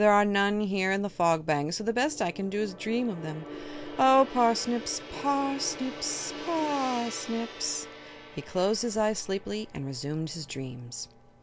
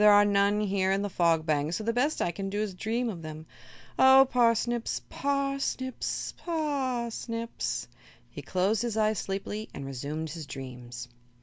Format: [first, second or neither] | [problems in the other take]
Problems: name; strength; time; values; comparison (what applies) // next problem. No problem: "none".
second | background sound (Gong); 14 dB below the speech